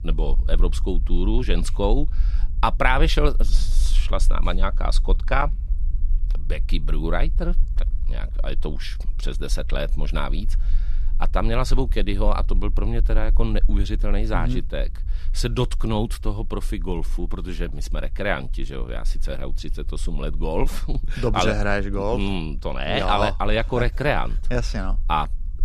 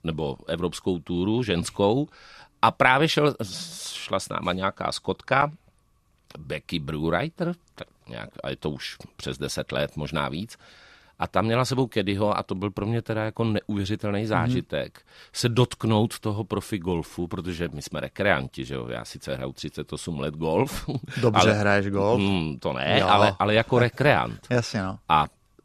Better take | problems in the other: second | low rumble; faint; throughout; 25 dB below the speech

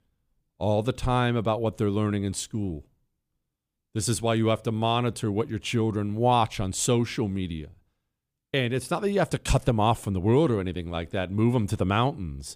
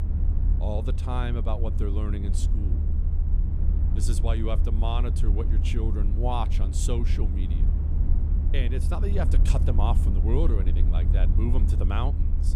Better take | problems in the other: first | low rumble; loud; throughout; 7 dB below the speech

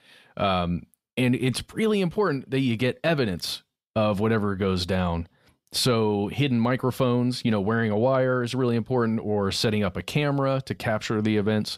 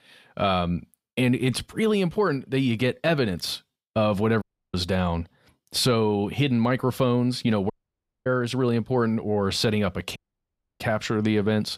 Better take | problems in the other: first | audio cutting out; at 4.5 s, at 7.5 s for 0.5 s and at 10 s for 0.5 s

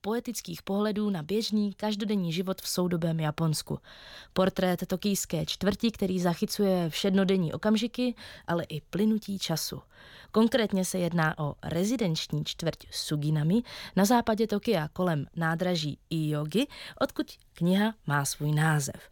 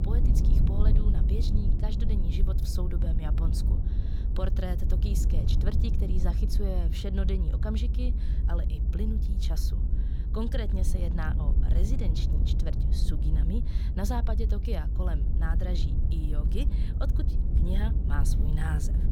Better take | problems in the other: first | low rumble; loud; throughout; 4 dB below the speech

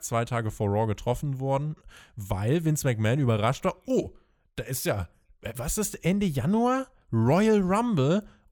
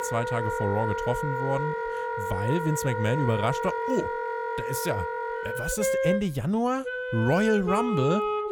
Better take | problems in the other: first | background music; loud; throughout; 2 dB below the speech

